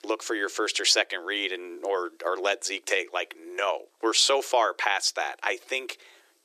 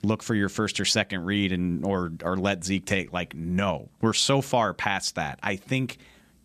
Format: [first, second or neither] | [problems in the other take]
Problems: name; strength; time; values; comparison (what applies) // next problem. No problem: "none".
second | thin; very; fading below 350 Hz